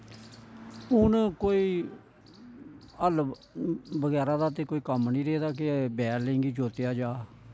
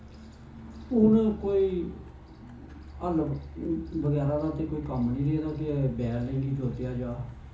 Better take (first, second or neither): first